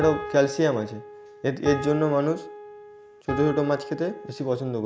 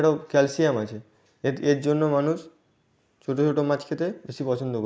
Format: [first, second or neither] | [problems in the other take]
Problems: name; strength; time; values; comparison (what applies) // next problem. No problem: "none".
second | background sound (Piano); 11 dB below the speech